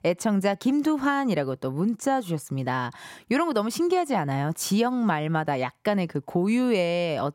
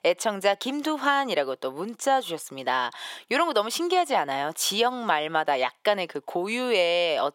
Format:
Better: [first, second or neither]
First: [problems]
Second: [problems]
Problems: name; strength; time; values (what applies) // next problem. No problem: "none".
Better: first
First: none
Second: thin; somewhat; fading below 550 Hz